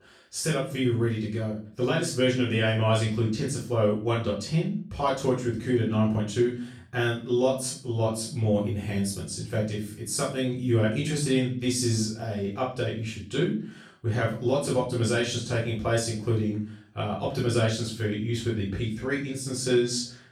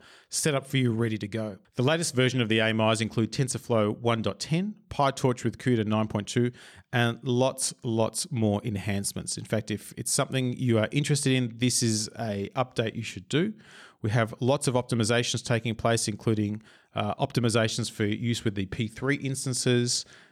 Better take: second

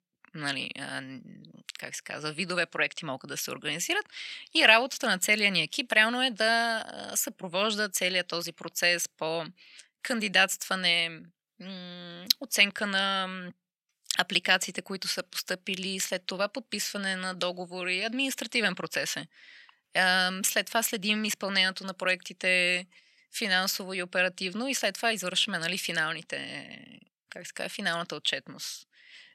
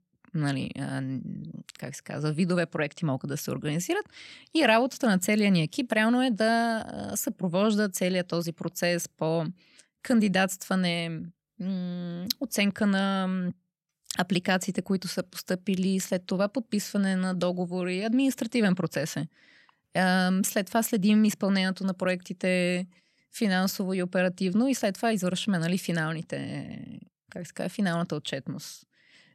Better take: second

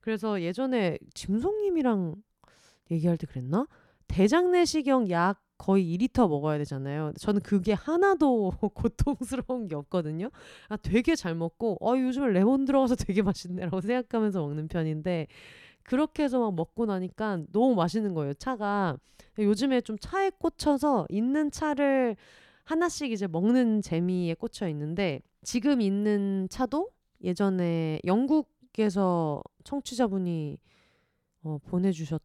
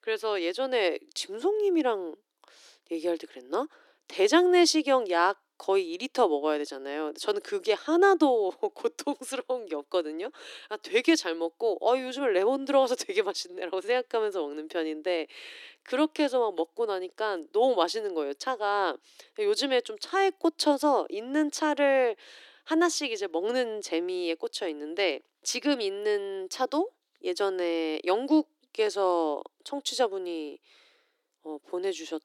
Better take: first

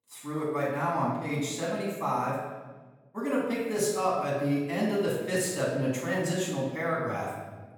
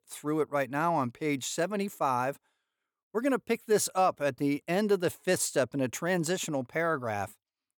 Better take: second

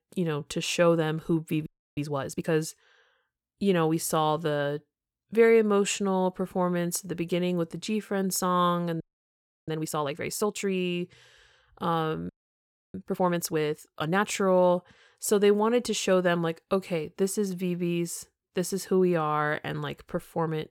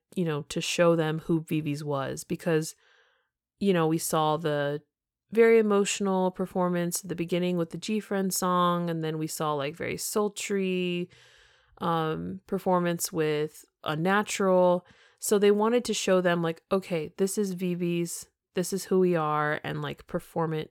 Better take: second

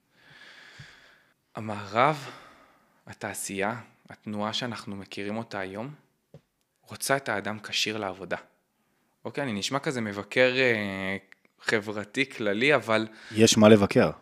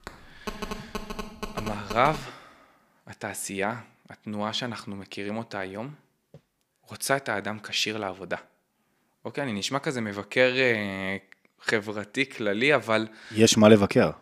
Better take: first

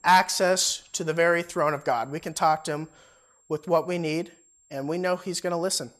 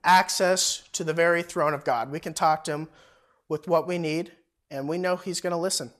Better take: second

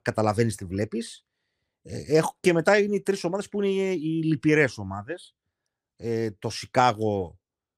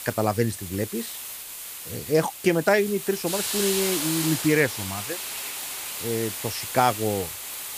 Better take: first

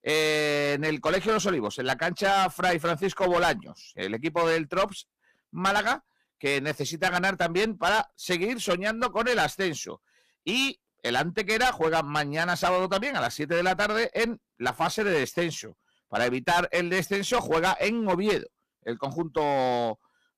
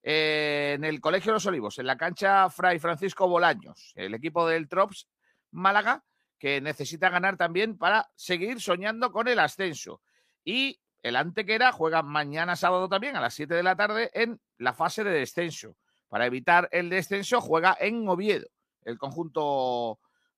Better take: second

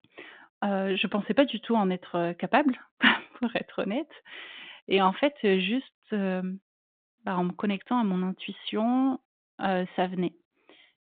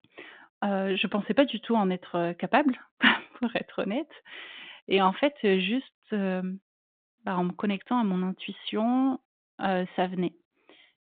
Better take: neither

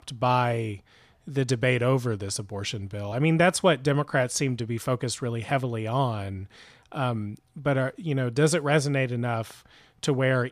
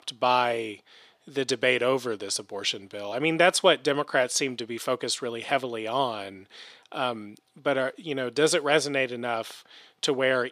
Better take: first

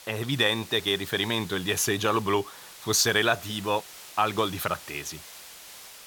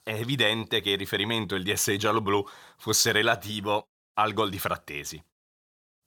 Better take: second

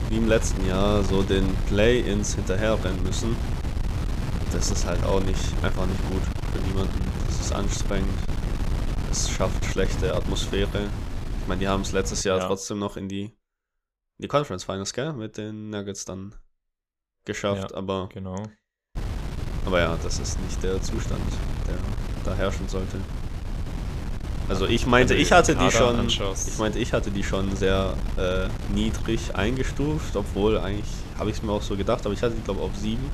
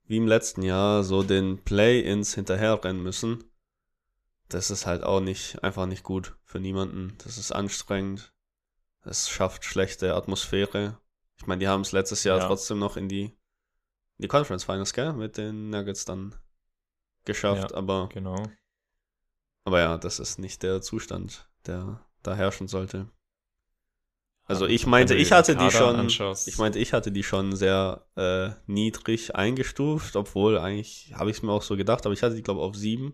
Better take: second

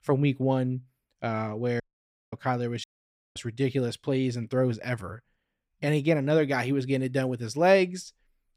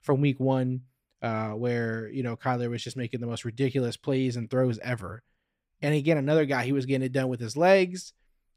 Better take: second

